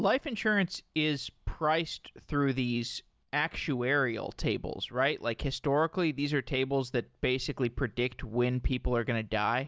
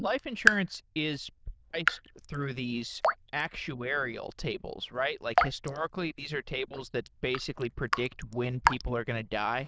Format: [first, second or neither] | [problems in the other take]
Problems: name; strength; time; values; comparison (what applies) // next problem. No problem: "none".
first | noise reduction (neural diffusion model UNIVERSE++)